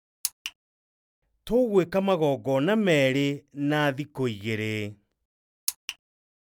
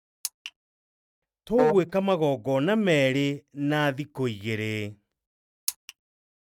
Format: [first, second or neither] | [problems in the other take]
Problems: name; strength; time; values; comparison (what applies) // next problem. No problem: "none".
first | noise reduction (neural mask model RNNoise)